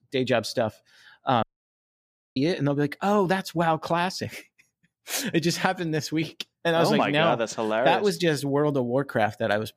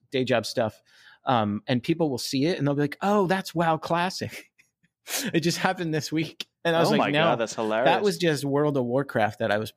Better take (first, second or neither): second